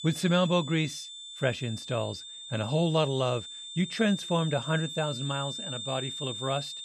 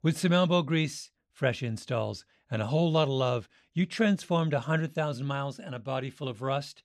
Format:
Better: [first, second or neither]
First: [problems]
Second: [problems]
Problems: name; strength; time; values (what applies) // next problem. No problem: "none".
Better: second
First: high-pitched whine; loud; throughout; 3.5 kHz, 8 dB below the speech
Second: none